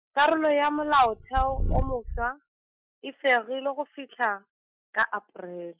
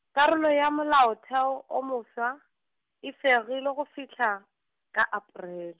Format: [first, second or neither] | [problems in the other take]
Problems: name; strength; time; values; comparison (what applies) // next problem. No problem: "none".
second | noise reduction (classical method Wiener filter)